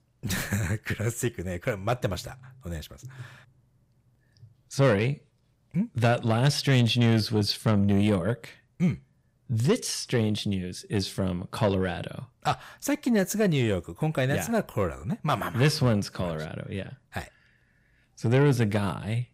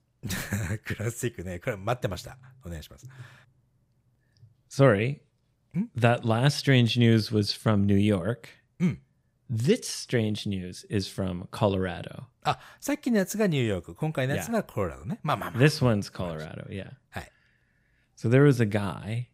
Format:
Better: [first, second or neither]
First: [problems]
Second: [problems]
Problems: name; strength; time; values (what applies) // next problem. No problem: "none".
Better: second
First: distortion; slight; 10 dB below the speech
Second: none